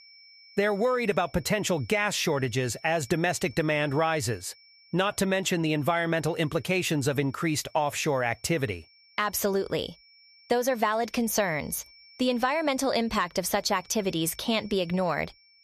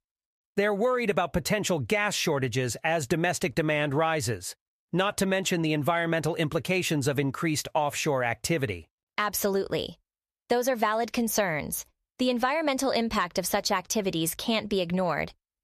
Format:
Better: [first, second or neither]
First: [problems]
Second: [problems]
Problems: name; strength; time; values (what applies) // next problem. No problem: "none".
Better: second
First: high-pitched whine; faint; throughout; 5.5 kHz, 25 dB below the speech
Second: none